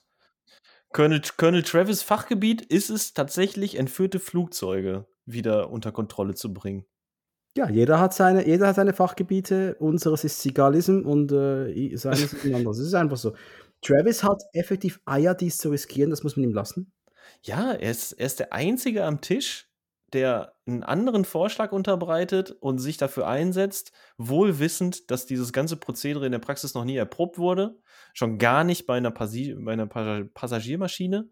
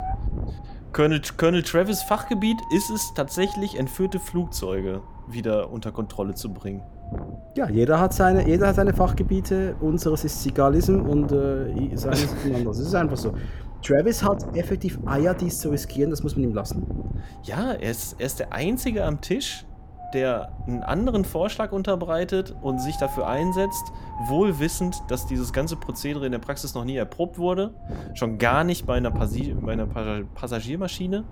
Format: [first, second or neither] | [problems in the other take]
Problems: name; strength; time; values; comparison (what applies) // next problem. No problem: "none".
first | wind noise on the microphone; occasional gusts; 10 dB below the speech